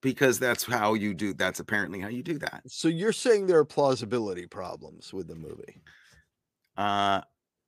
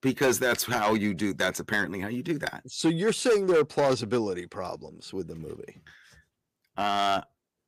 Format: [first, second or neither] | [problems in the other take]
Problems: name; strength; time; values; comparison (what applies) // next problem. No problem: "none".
first | distortion; slight; 4% of the sound clipped